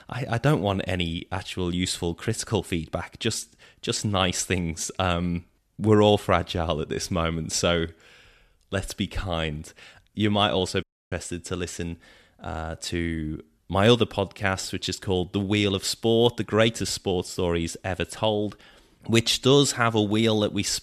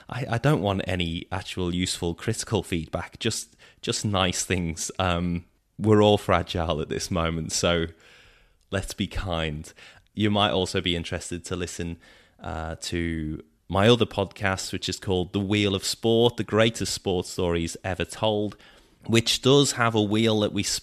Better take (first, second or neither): second